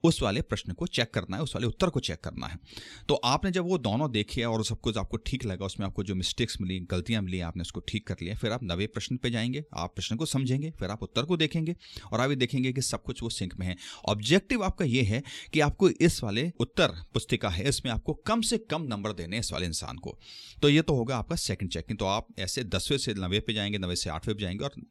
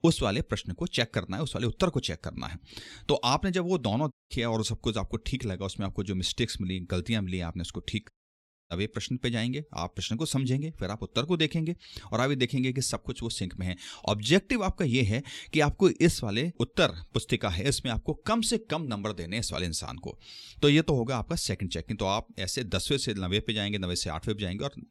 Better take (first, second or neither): first